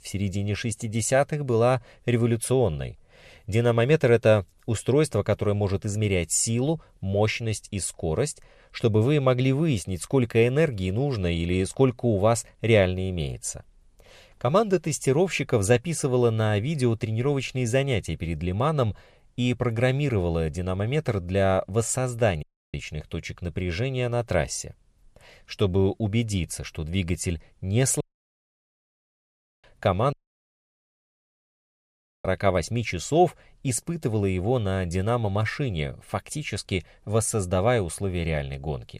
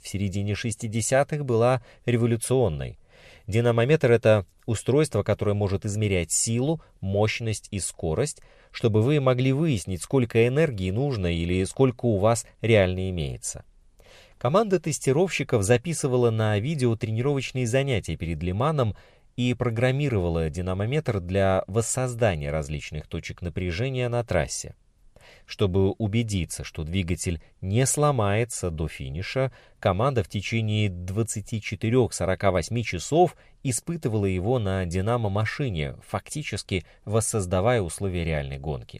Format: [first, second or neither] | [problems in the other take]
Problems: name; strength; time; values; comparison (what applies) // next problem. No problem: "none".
second | audio cutting out; at 22 s, at 28 s for 1.5 s and at 30 s for 2 s